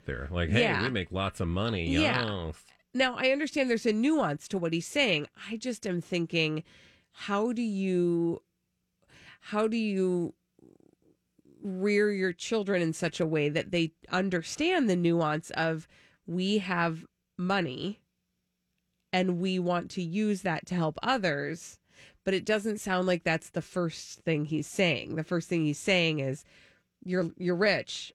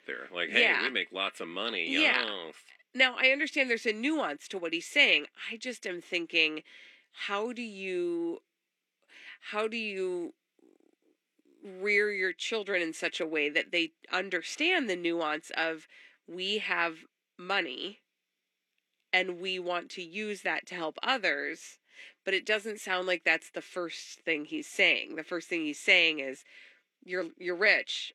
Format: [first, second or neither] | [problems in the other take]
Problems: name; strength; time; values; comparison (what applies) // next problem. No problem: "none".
first | thin; somewhat; fading below 250 Hz